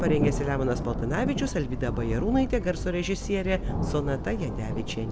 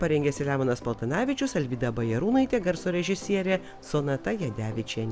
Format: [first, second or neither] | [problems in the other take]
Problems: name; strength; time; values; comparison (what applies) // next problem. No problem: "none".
second | background sound (Thunder); 2 dB below the speech